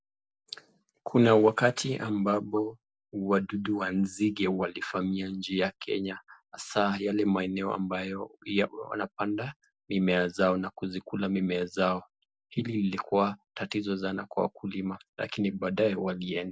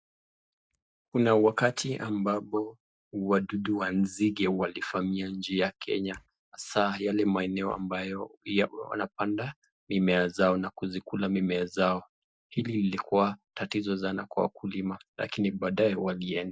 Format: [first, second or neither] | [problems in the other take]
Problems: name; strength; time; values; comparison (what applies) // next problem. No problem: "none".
first | noise reduction (neural mask model DeepFilterNet 3)